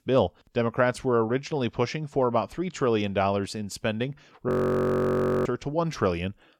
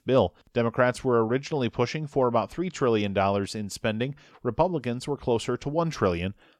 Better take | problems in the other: second | audio freezing; at 4.5 s for 1 s

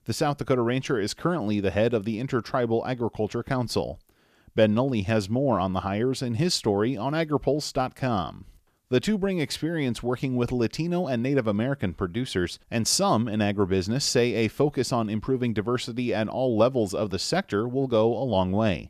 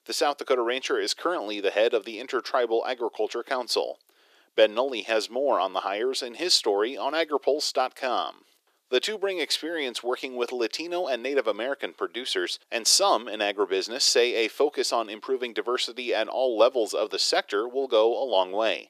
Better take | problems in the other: first | thin; very; fading below 350 Hz

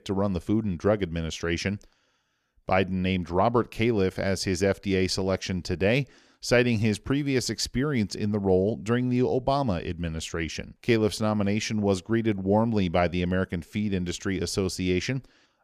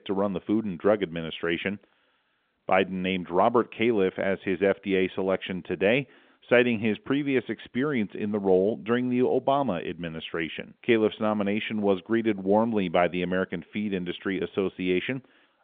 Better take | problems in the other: first | phone-call audio; nothing above 3.5 kHz

